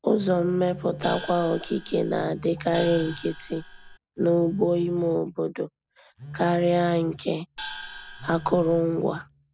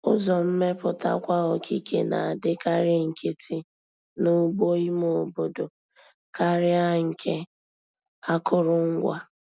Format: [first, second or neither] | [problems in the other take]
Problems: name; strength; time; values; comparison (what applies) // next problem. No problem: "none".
second | background sound (Gong + Telephone); 14 dB below the speech